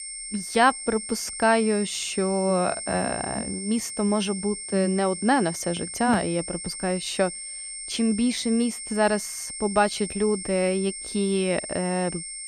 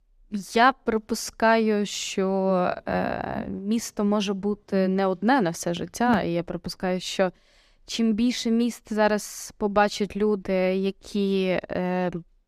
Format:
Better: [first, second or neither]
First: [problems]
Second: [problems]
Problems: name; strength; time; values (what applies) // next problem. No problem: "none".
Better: second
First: high-pitched whine; loud; throughout; 8.5 kHz, 7 dB below the speech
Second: none